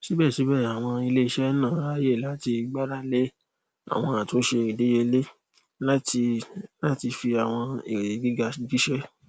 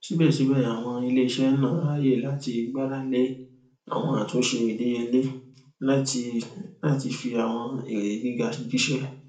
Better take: first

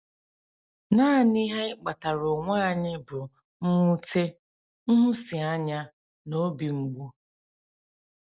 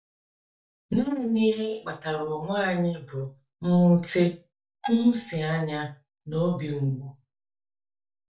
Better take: first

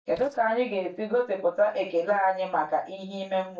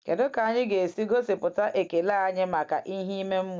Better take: second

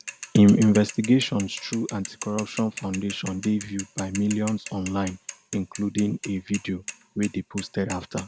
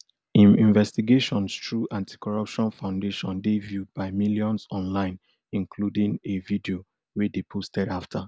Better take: second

